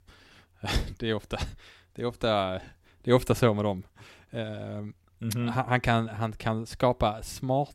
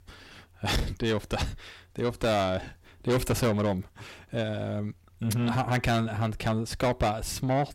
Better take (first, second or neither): first